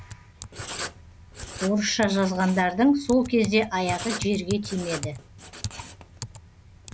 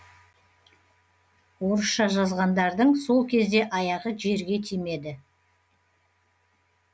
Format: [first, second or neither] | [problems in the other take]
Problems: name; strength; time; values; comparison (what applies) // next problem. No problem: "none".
second | background sound (Typing + Writing); 11 dB below the speech